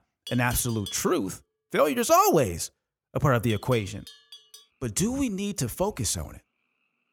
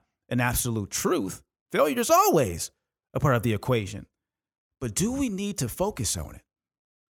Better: second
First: animal sounds; noticeable; throughout; 15 dB below the speech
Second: none

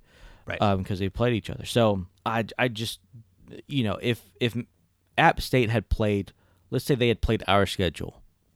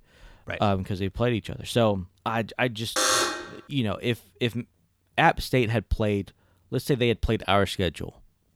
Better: first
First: none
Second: alarm; loud; at 3 s; peak 5 dB above the speech

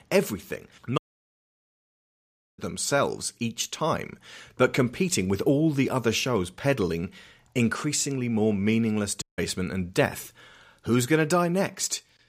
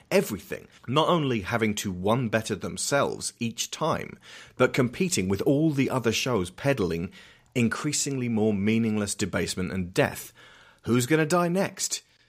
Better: second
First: audio cutting out; at 1 s for 1.5 s and at 9 s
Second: none

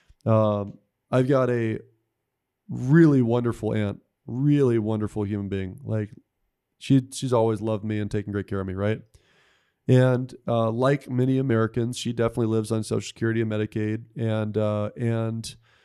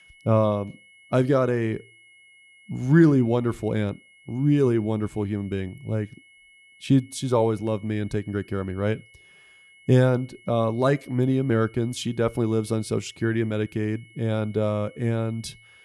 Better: first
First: none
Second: high-pitched whine; faint; throughout; 2 kHz, 25 dB below the speech

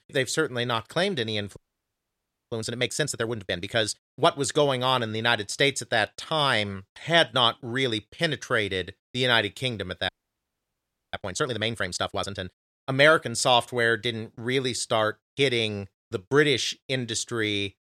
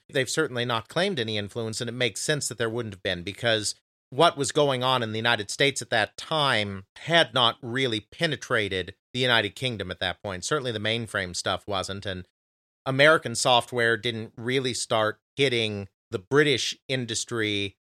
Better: second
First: audio freezing; at 1.5 s for 1 s and at 10 s for 1 s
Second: none

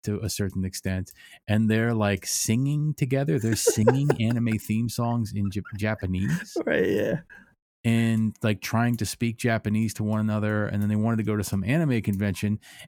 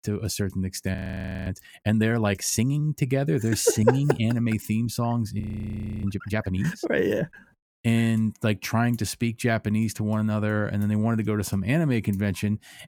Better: first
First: none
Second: audio freezing; at 1 s for 0.5 s and at 5.5 s for 0.5 s

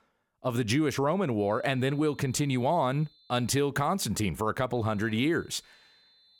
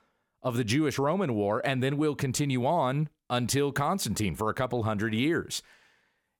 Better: second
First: high-pitched whine; faint; from 1.5 to 3.5 s and from 5 s on; 4 kHz, 30 dB below the speech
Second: none

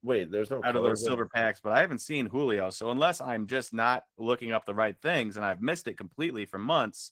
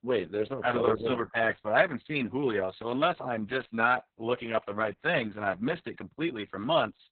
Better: first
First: garbled, watery; slightly; nothing above 16 kHz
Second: garbled, watery; badly; nothing above 3.5 kHz

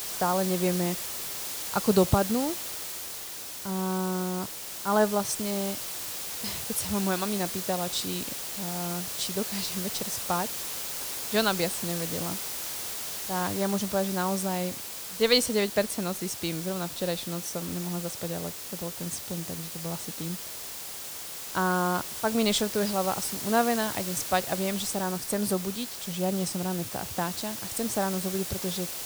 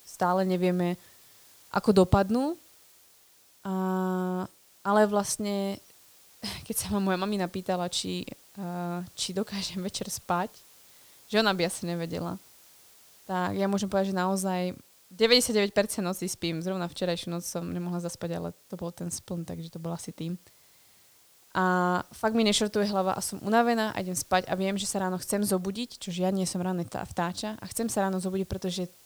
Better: second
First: hiss; loud; throughout; 4 dB below the speech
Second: hiss; faint; throughout; 25 dB below the speech

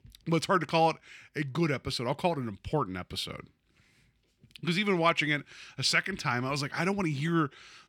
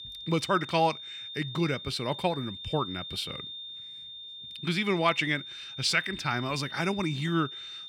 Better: first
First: none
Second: high-pitched whine; loud; throughout; 3.5 kHz, 10 dB below the speech

